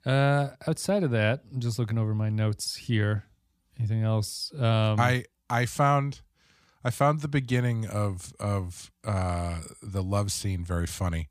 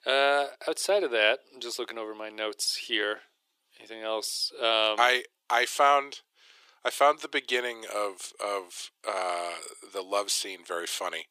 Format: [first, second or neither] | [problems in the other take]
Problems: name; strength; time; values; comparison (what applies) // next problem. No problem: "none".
first | thin; very; fading below 350 Hz